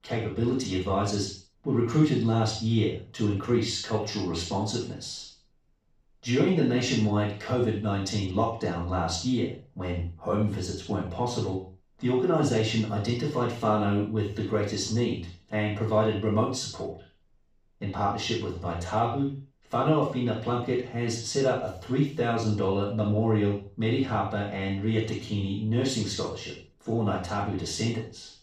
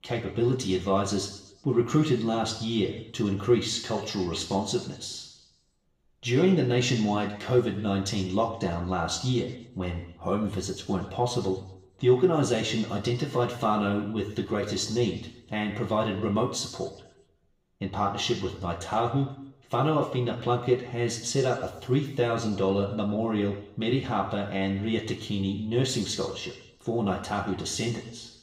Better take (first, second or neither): second